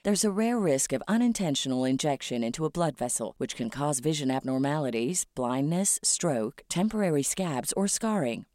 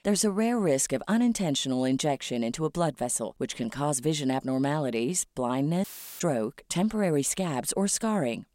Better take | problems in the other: first | audio cutting out; filled with static; at 6 s

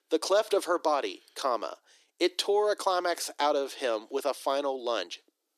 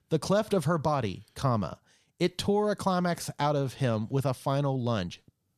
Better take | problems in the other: second | thin; very; fading below 300 Hz

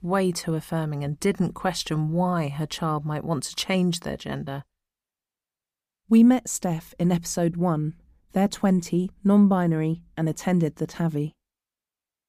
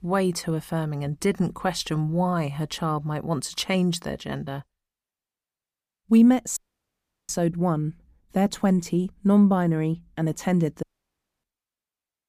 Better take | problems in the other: first | audio cutting out; at 6.5 s for 0.5 s and at 11 s for 0.5 s

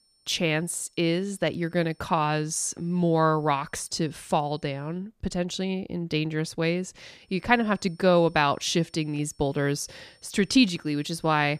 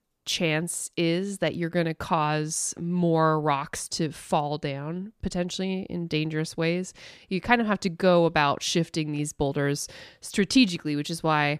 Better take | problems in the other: second | high-pitched whine; faint; until 5 s and from 7.5 s on; 5.5 kHz, 35 dB below the speech

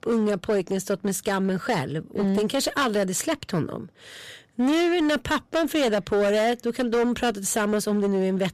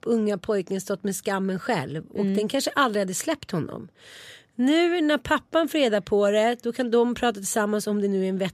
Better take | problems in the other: second | distortion; slight; 17% of the sound clipped

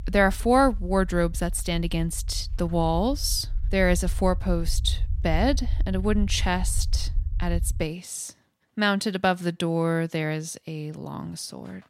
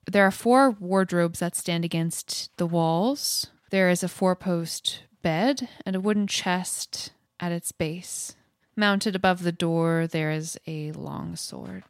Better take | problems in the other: second | low rumble; faint; until 8 s; 25 dB below the speech

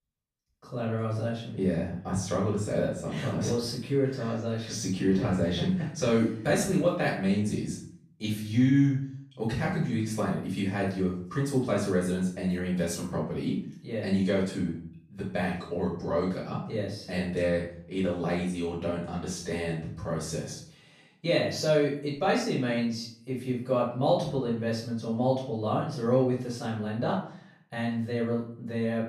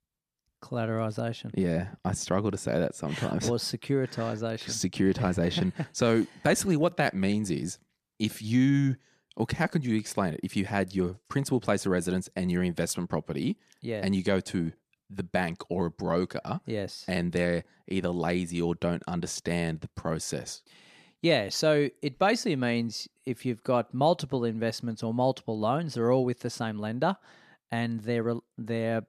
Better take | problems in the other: second | off-mic speech; far // room echo; noticeable; dies away in 0.5 s

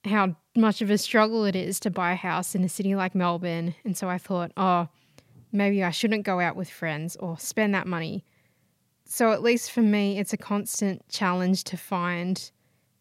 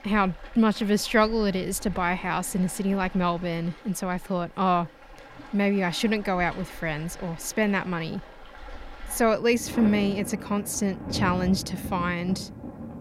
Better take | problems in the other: first | rain or running water; noticeable; throughout; 15 dB below the speech

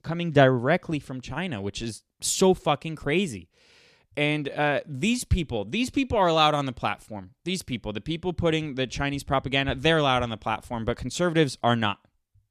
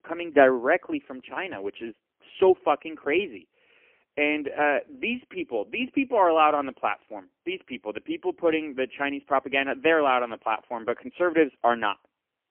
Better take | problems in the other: first | phone-call audio; poor line; nothing above 3 kHz

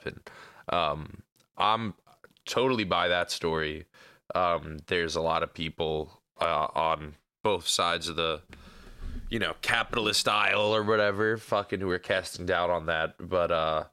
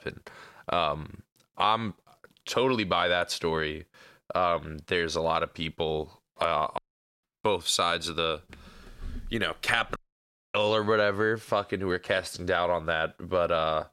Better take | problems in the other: first | audio cutting out; at 7 s and at 10 s for 0.5 s

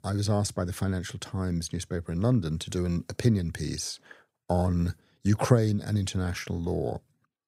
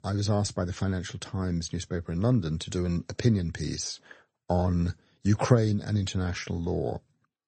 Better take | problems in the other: first | garbled, watery; slightly; nothing above 8 kHz

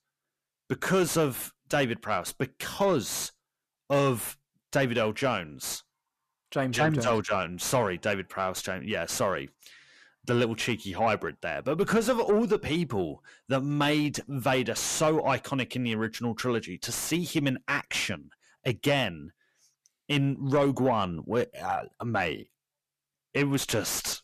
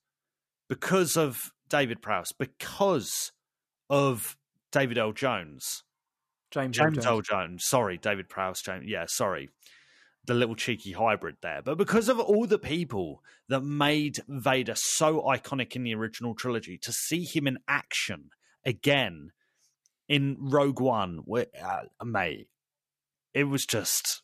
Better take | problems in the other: second | distortion; slight; 10 dB below the speech

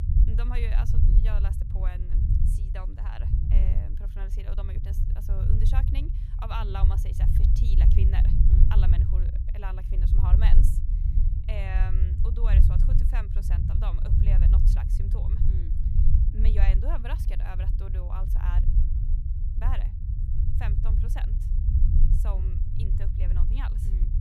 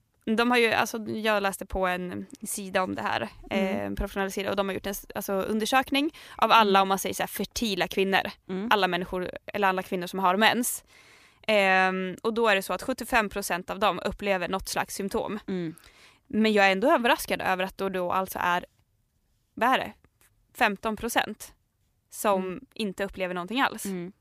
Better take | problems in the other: second | low rumble; loud; throughout; 2 dB below the speech

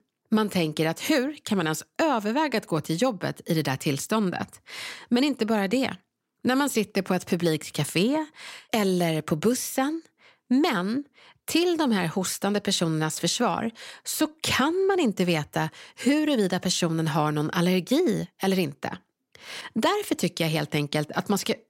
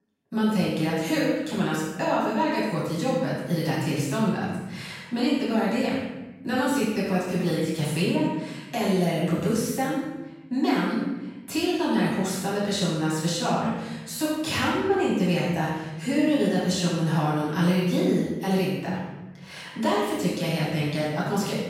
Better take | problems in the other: first | off-mic speech; far // room echo; strong; dies away in 1.2 s

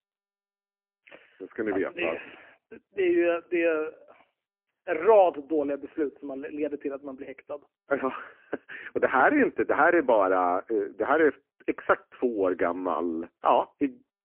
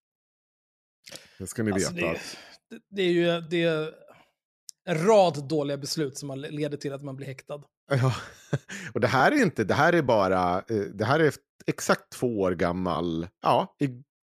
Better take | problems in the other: second | phone-call audio; poor line; nothing above 3 kHz

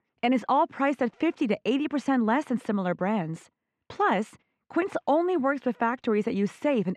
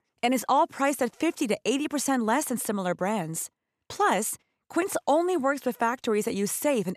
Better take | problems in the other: second | muffled; very; fading above 2.5 kHz

